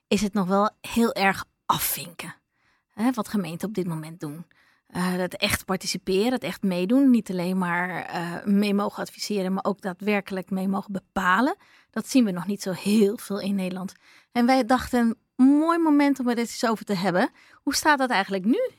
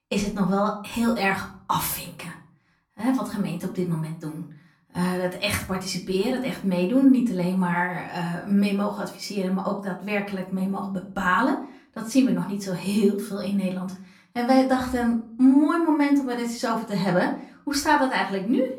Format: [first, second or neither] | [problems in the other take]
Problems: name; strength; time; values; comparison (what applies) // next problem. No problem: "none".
first | off-mic speech; far // room echo; slight; dies away in 0.4 s